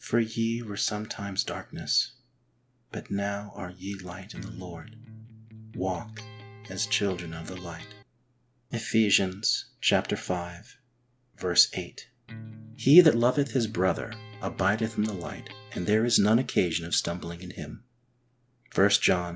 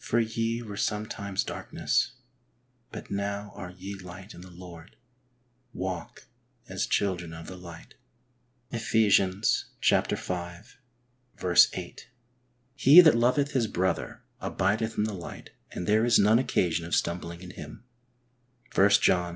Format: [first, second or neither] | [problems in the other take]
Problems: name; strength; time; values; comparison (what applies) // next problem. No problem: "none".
second | background sound (Electric guitar); 15 dB below the speech